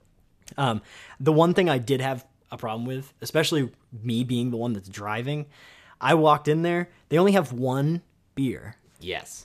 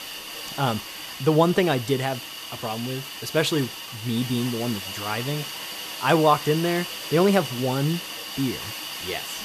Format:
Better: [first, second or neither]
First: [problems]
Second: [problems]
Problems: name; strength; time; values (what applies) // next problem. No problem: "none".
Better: first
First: none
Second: hiss; loud; throughout; 8 dB below the speech